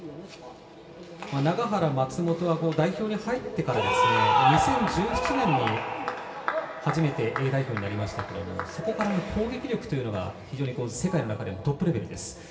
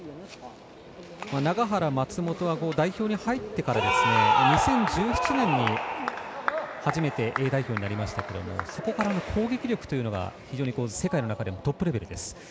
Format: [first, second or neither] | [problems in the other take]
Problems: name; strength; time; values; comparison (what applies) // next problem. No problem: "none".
second | room echo; dies away in 0.7 s